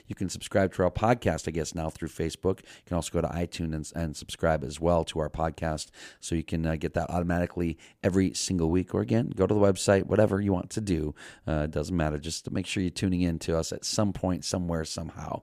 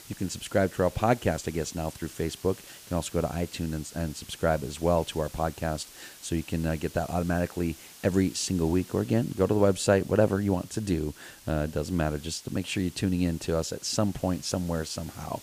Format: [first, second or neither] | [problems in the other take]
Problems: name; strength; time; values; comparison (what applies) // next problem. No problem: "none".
first | hiss; noticeable; throughout; 20 dB below the speech